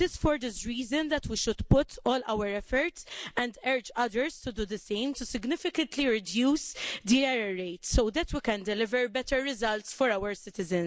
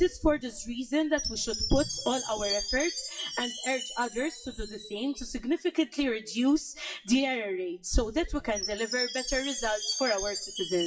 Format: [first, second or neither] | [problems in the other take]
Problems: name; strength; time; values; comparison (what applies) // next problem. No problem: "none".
first | noise reduction (classical method WPE with log-MMSE)